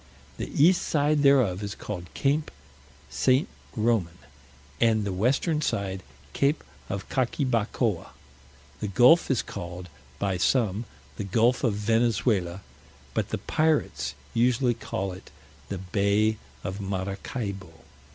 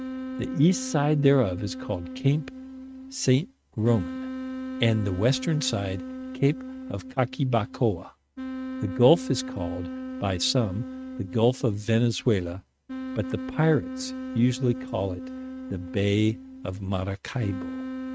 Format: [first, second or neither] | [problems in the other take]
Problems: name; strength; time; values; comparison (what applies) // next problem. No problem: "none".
first | noise reduction (neural mask model RNNoise)